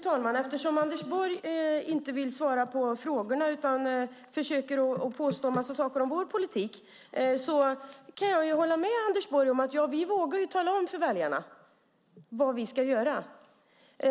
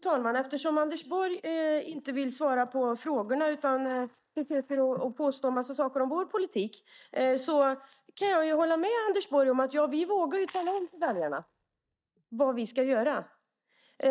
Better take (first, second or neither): first